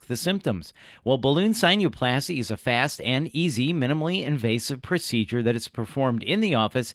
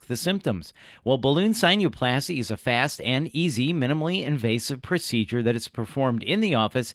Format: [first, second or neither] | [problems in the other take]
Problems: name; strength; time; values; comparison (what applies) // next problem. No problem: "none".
neither | garbled, watery; slightly; nothing above 15.5 kHz; the same in both